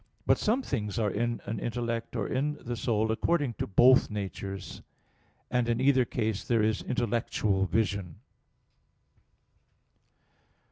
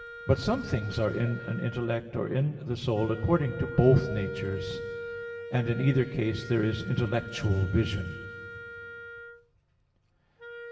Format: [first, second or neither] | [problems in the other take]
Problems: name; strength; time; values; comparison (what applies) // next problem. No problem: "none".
first | background sound (Wind instrument, woodwind instrument); 12 dB below the speech // room echo; dies away in 2 s